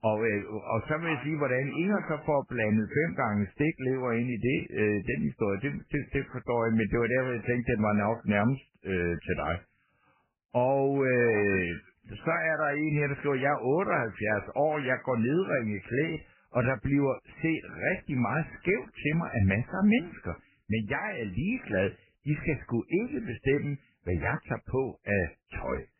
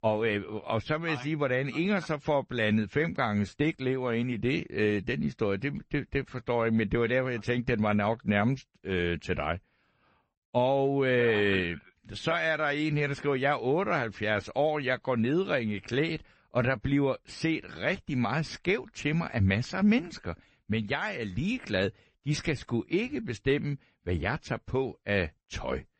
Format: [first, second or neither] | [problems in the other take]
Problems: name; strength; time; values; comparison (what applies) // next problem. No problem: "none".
second | garbled, watery; badly; nothing above 2.5 kHz; slightly in the second